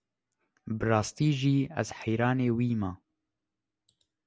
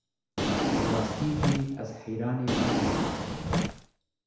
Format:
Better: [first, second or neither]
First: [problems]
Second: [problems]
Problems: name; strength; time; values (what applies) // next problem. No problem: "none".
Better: first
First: none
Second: background sound (Drawer open or close); 3 dB above the speech // room echo; dies away in 1 s